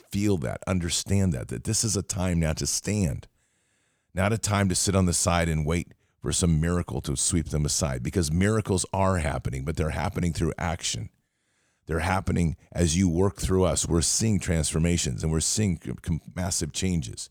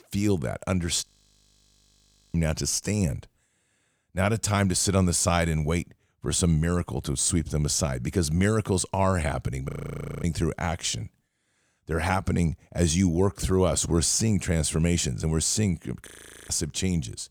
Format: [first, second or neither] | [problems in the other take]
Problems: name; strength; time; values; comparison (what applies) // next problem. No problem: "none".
first | audio freezing; at 1 s for 1.5 s, at 9.5 s for 0.5 s and at 16 s